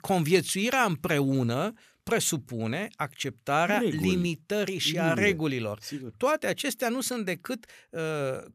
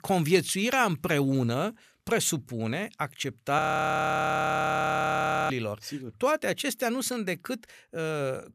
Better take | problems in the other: first | audio freezing; at 3.5 s for 2 s

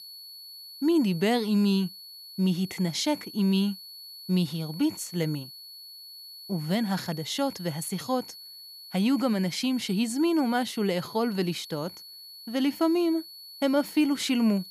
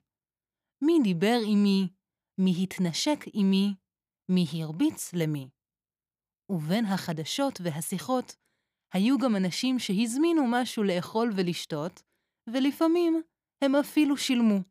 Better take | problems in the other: second | high-pitched whine; noticeable; throughout; 4.5 kHz, 15 dB below the speech

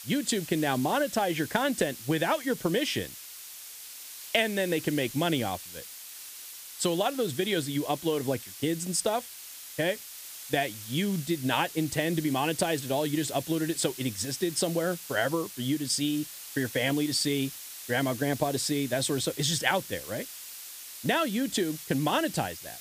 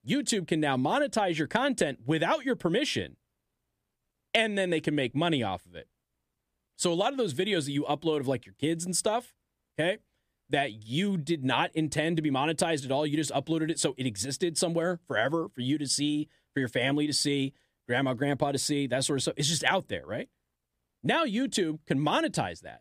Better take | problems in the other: second | hiss; noticeable; throughout; 10 dB below the speech

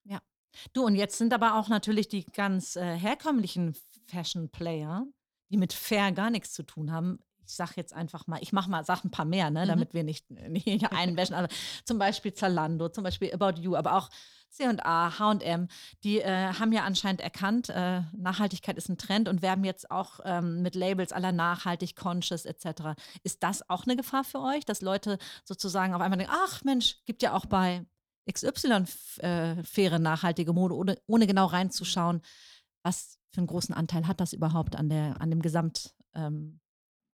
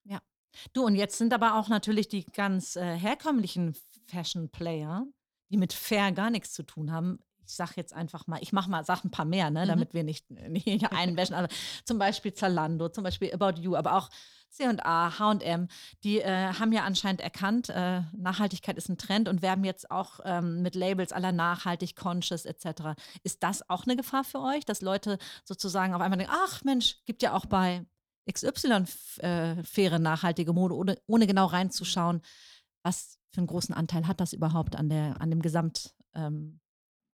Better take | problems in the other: neither | none

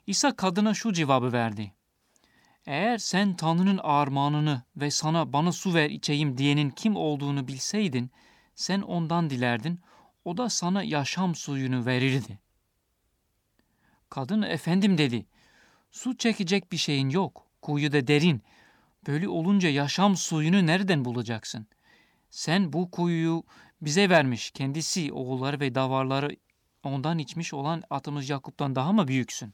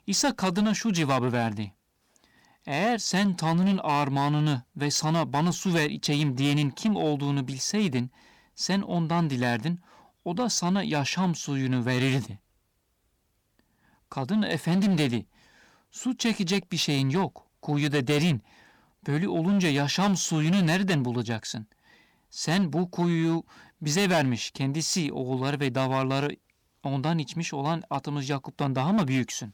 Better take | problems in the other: first | distortion; slight; 8% of the sound clipped

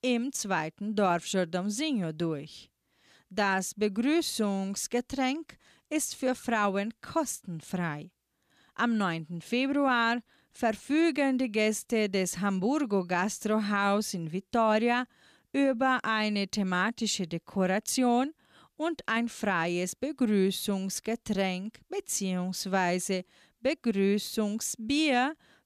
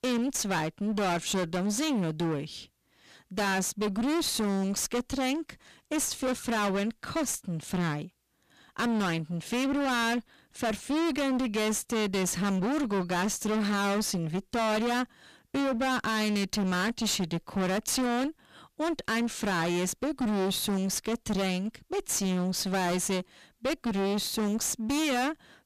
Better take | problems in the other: first | distortion; heavy; 31% of the sound clipped

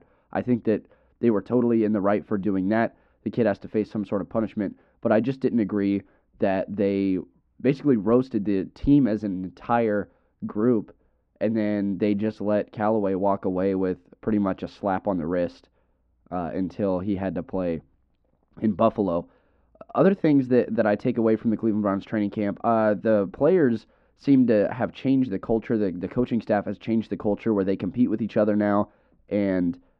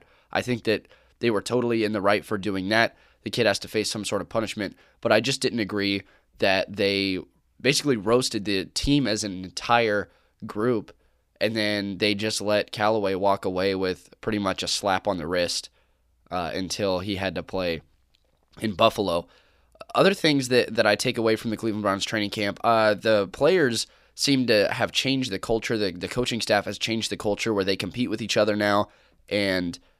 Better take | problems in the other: second | muffled; very; fading above 1 kHz

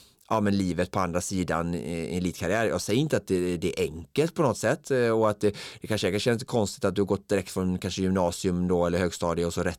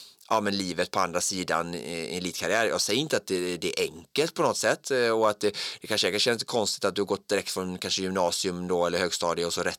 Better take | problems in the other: first | thin; very slightly; fading below 600 Hz

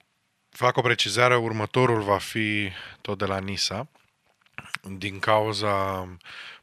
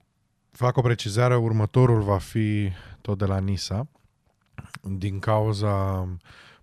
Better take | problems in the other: second | thin; somewhat; fading below 500 Hz

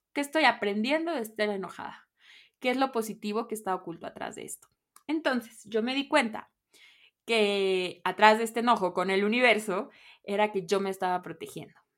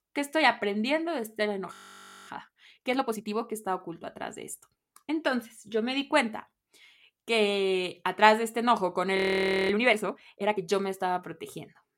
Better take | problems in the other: first | audio freezing; at 1.5 s for 0.5 s and at 9 s for 0.5 s

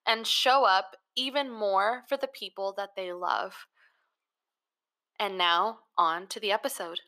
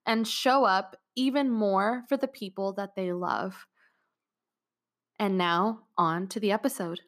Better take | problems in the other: second | thin; very; fading below 600 Hz

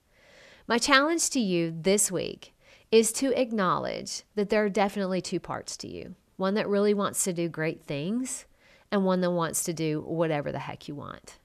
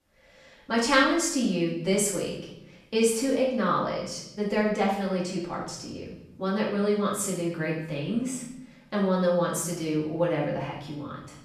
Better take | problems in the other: first | off-mic speech; far // room echo; noticeable; dies away in 0.8 s

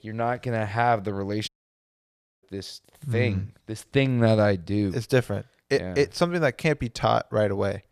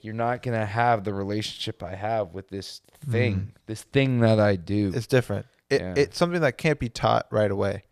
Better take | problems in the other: second | audio cutting out; at 1.5 s for 1 s

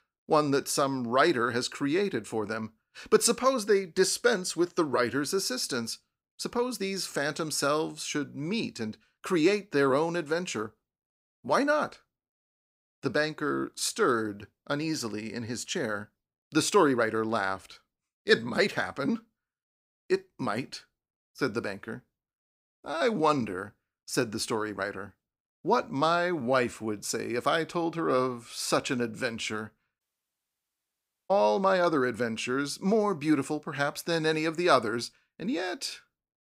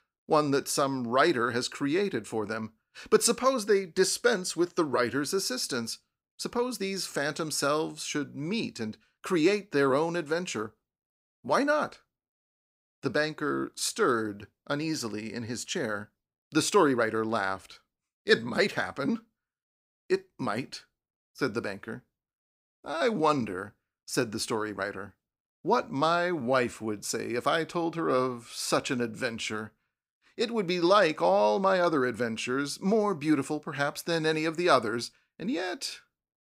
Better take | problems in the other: second | audio cutting out; at 30 s for 1.5 s

